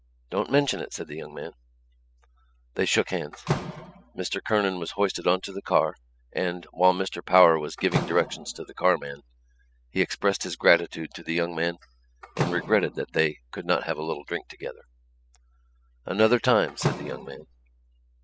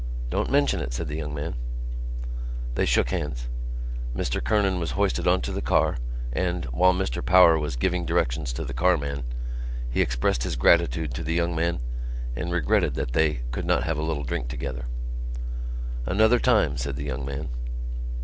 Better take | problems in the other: second | noise reduction (classical method spectral subtraction)

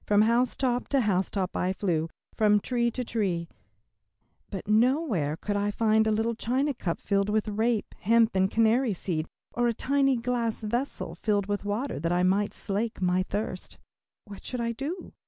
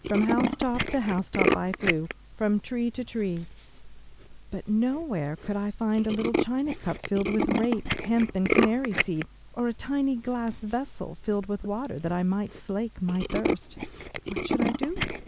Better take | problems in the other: first | background sound (Tools); 3 dB below the speech

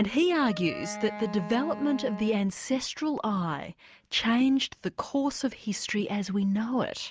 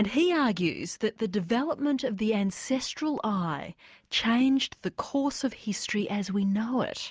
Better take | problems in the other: second | background sound (Wind instrument, woodwind instrument); 12 dB below the speech

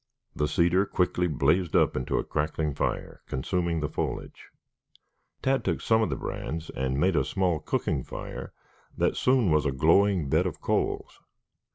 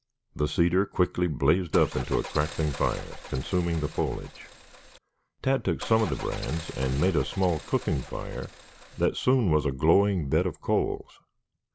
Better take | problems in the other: first | background sound (Car); 14 dB below the speech

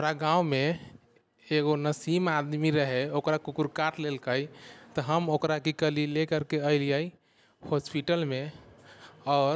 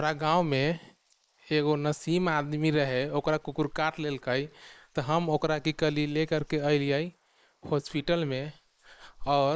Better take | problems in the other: first | noise reduction (neural mask model Resemble Enhance denoiser)

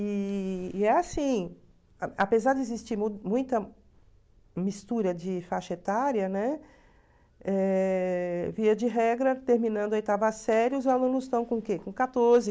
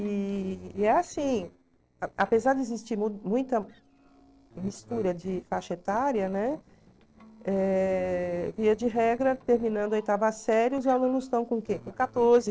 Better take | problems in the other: first | noise reduction (neural separator model SepFormer DNS4)

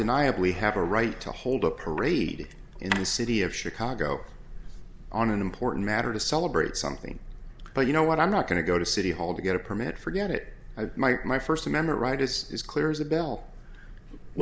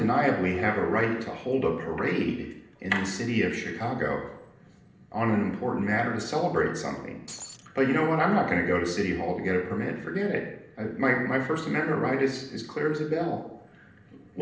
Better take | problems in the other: first | noise reduction (neural separator model SepFormer DNS4)

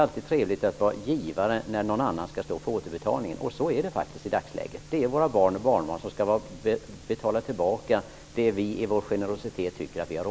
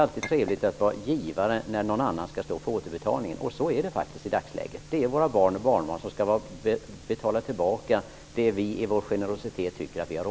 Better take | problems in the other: first | background sound (Chink, clink); 14 dB below the speech

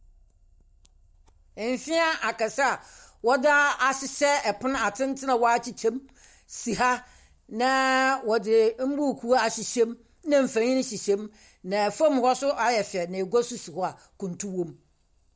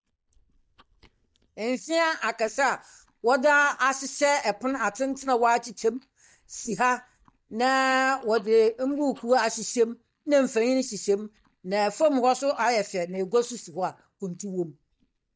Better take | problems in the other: first | noise reduction (neural mask model DeepFilterNet 3)

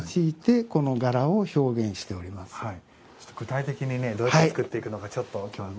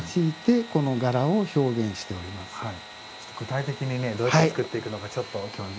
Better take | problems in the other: first | background sound (Sawing / Engine); 16 dB below the speech

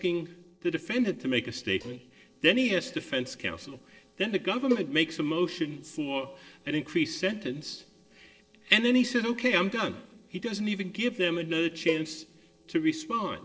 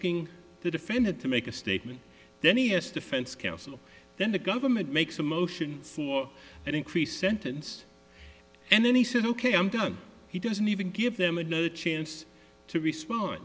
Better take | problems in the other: second | noise reduction (neural separator model SepFormer DNS4)

